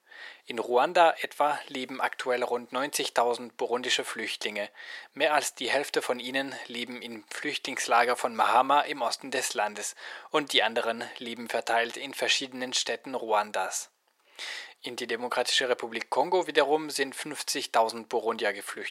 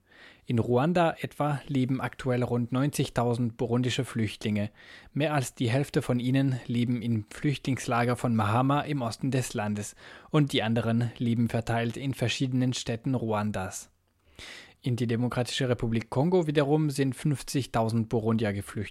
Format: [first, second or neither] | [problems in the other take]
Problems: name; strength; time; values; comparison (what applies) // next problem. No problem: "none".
second | thin; very; fading below 450 Hz